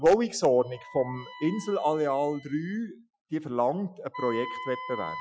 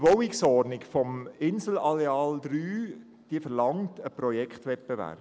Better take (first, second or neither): second